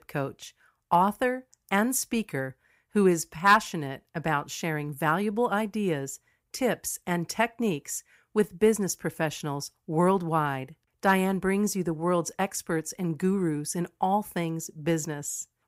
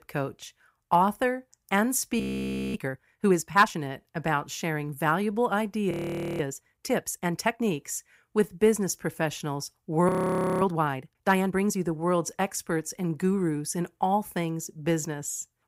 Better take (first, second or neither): first